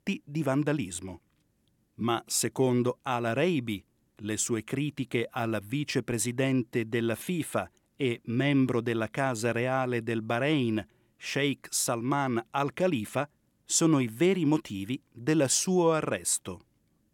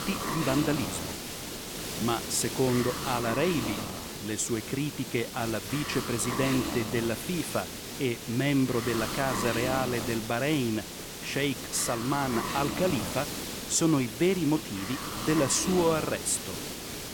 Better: first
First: none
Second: hiss; loud; throughout; 5 dB below the speech

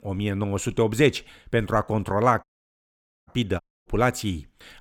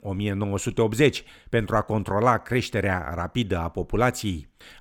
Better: second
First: audio cutting out; at 2.5 s for 1 s and at 3.5 s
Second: none

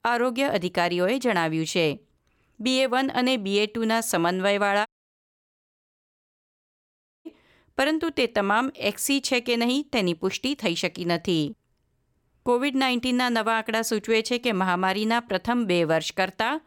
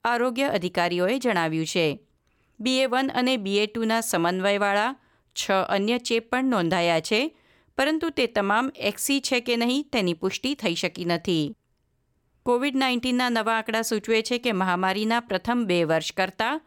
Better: second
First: audio cutting out; at 5 s for 2.5 s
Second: none

